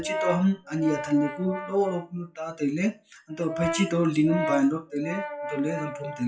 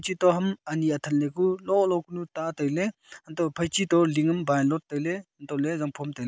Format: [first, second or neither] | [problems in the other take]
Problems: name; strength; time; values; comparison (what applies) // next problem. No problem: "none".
second | noise reduction (classical method WPE with log-MMSE)